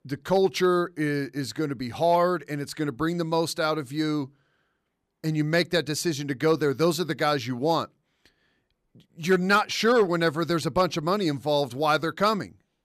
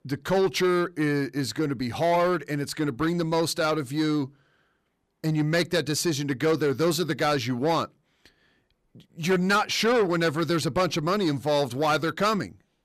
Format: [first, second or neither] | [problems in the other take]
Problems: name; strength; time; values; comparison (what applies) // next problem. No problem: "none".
first | distortion; slight; 10 dB below the speech